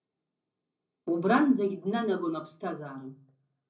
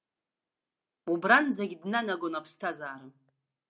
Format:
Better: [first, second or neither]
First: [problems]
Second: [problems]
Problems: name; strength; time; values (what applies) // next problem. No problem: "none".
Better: second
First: room echo; dies away in 0.4 s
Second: none